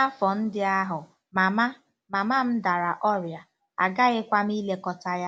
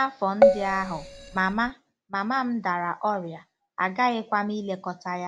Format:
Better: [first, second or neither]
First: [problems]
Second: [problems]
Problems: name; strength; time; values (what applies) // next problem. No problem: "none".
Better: first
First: none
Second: background sound (Keyboard (musical)); 4 dB above the speech